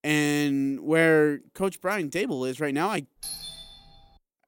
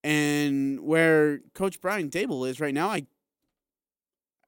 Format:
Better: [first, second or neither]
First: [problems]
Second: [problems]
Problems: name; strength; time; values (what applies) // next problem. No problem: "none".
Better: second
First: doorbell; noticeable; at 3 s; peak 9 dB below the speech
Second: none